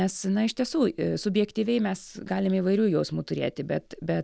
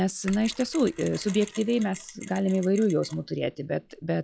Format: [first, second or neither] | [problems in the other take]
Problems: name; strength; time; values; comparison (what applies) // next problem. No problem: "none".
first | noise reduction (classical method log-MMSE)